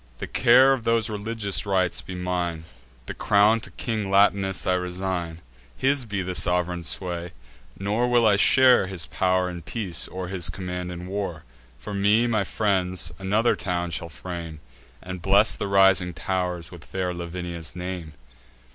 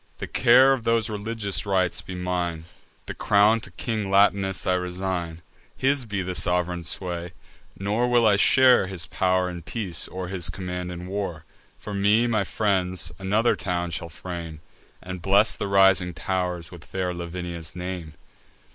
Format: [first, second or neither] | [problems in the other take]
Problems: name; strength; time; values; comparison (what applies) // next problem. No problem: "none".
first | noise reduction (neural mask model Resemble Enhance denoiser)